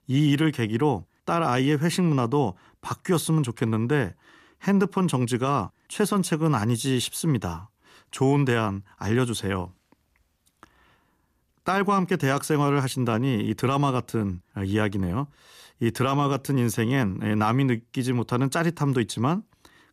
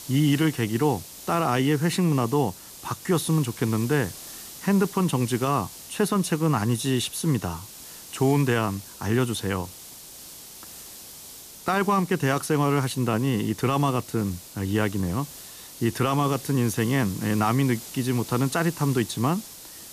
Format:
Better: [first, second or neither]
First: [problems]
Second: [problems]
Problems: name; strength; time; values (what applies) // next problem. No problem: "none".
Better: first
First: none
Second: hiss; noticeable; throughout; 15 dB below the speech